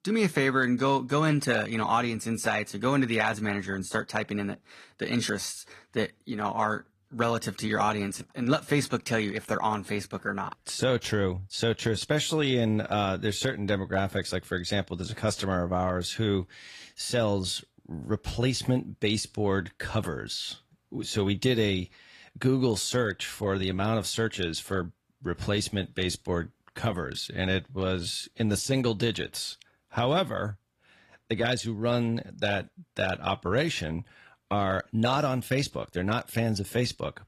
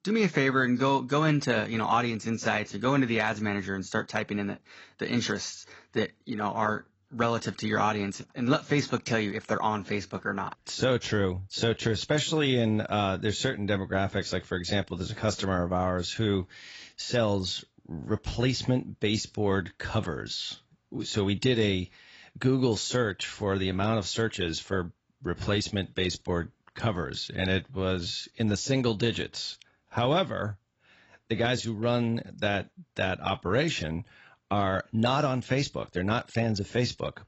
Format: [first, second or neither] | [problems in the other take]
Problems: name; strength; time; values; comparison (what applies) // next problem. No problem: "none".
first | garbled, watery; badly; nothing above 7.5 kHz; slightly in the first